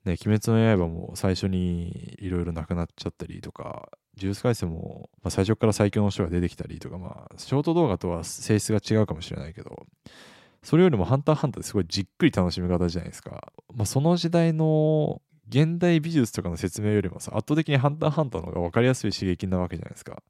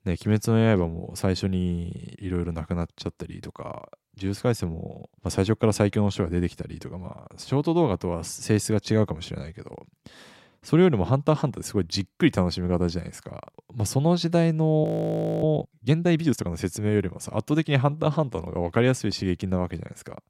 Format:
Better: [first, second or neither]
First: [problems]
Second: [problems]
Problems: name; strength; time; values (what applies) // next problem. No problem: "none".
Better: first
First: none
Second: audio freezing; at 15 s for 0.5 s